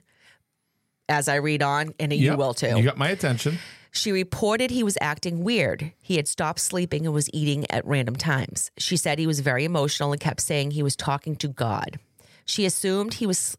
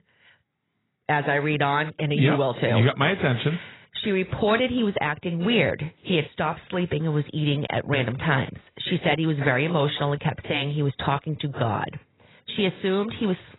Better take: first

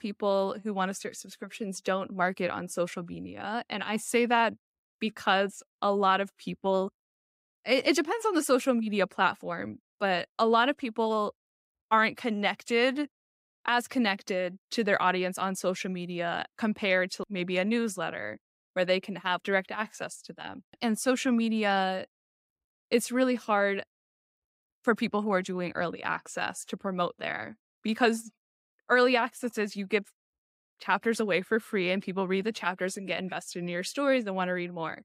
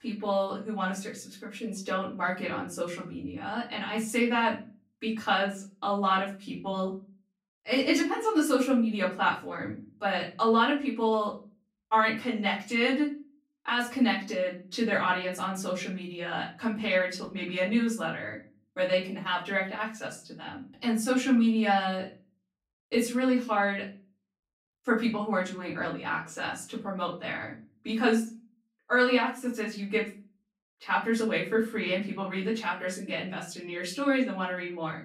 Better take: first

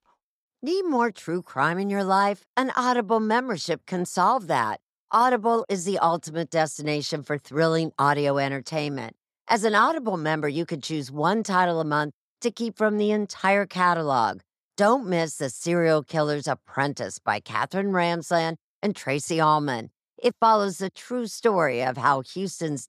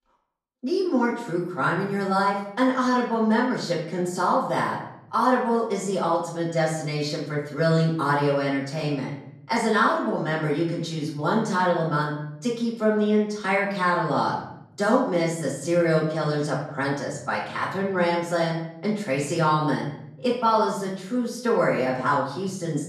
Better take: first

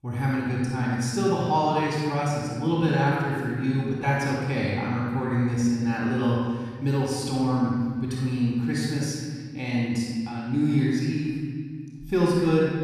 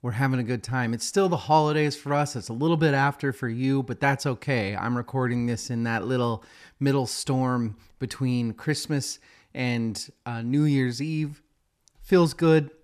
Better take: second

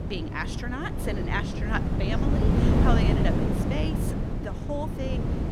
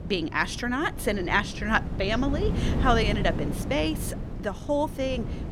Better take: second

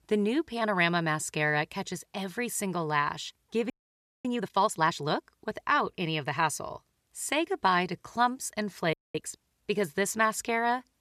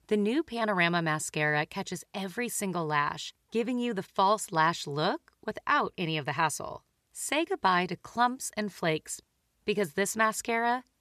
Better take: second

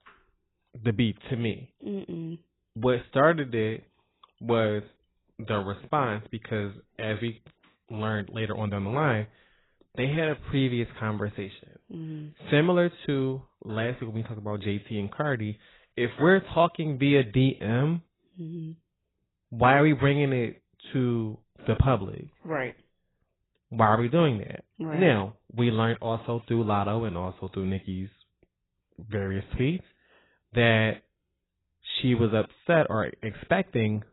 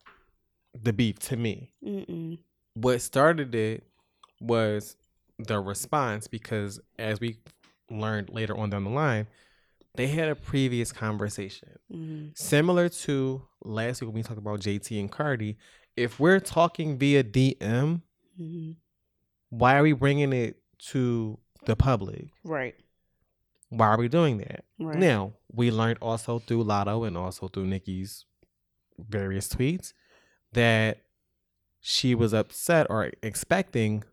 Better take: second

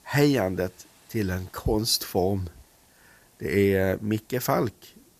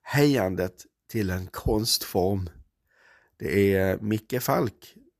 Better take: second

